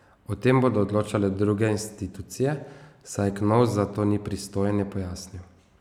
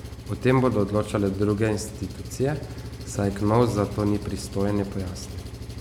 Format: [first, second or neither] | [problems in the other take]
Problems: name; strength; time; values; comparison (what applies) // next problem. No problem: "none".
first | background sound (Engine); 11 dB below the speech